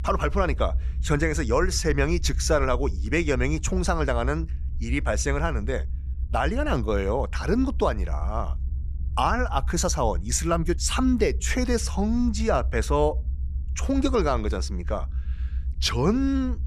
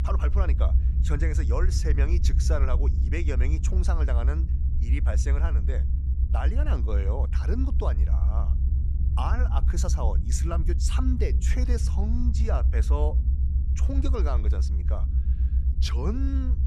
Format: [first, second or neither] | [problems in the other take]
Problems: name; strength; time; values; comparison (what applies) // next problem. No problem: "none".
first | low rumble; loud; throughout; 7 dB below the speech; faint in the first